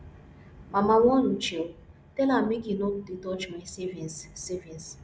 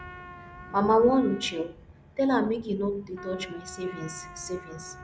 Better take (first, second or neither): first